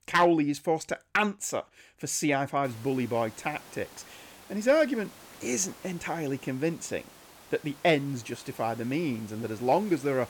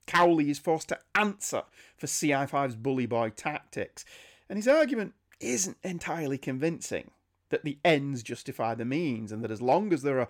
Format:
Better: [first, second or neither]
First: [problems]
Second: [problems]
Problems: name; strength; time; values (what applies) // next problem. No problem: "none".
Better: second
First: hiss; faint; from 2.5 s on; 20 dB below the speech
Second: none